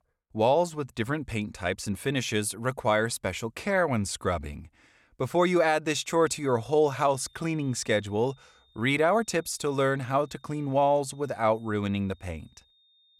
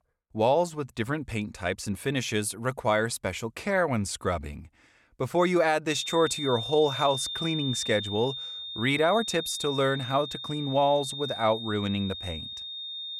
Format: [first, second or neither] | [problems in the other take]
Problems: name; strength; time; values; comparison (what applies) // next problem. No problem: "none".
first | high-pitched whine; loud; from 6 s on; 3.5 kHz, 6 dB below the speech; faint in the first